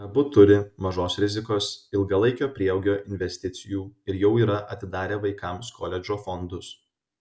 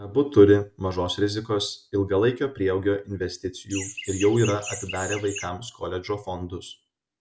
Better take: first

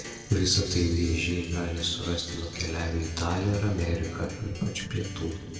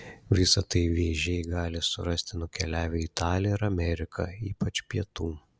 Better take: second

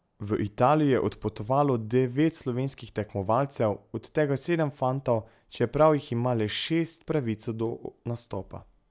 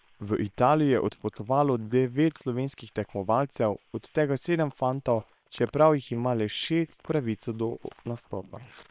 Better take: first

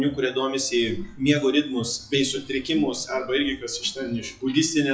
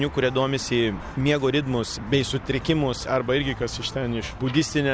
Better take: second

